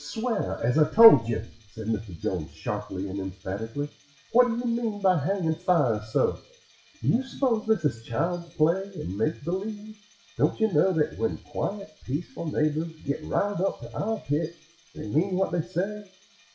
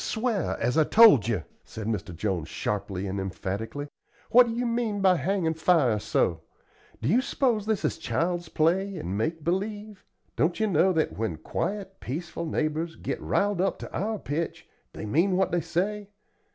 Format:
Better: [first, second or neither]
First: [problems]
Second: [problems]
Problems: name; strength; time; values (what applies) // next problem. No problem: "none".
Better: second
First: noise reduction (classical method WPE with log-MMSE)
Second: none